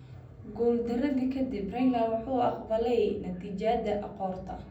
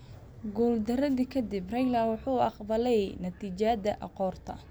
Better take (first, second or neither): second